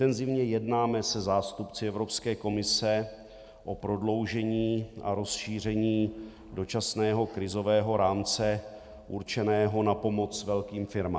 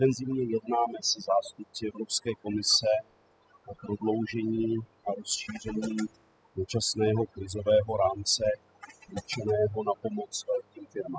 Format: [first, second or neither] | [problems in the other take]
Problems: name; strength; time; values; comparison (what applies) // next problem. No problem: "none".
first | noise reduction (classical method spectral subtraction)